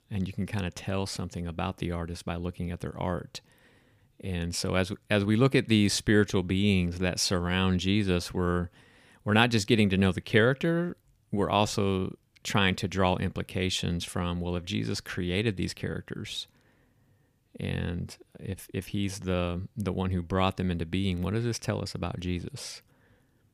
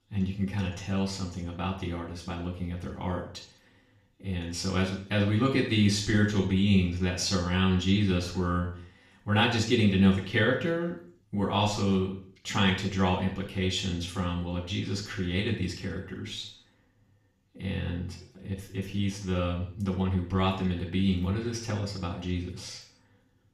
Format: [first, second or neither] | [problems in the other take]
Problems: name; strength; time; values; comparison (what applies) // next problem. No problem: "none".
first | room echo; noticeable; dies away in 0.5 s // off-mic speech; far